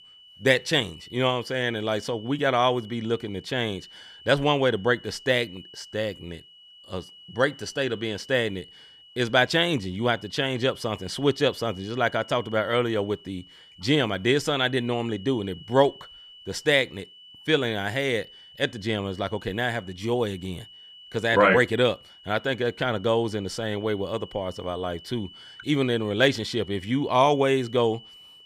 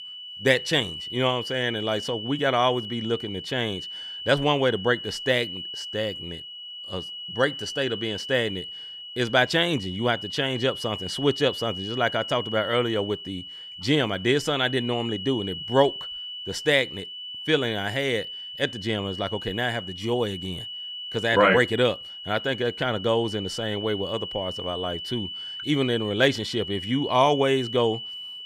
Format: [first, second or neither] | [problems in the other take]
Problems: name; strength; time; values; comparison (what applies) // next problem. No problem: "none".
first | high-pitched whine; loud; throughout; 3 kHz, 9 dB below the speech; faint in the first